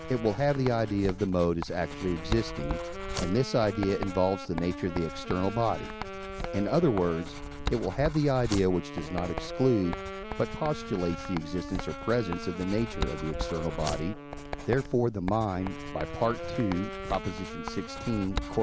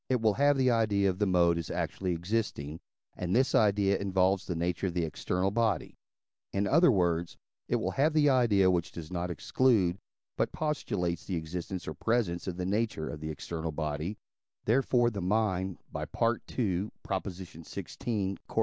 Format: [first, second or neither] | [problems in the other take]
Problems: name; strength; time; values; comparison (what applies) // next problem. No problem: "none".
second | background sound (Writing + Wind instrument, woodwind instrument); 7 dB below the speech